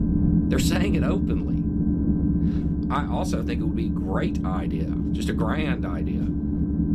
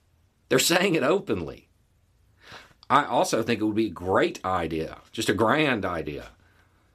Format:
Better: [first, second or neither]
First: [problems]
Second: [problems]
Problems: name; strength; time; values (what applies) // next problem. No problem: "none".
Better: second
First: low rumble; loud; throughout; as loud as the speech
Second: none